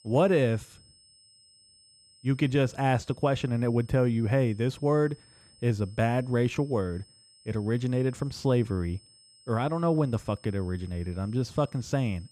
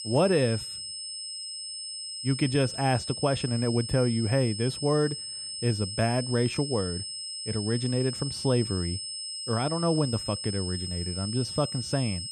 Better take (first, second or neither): first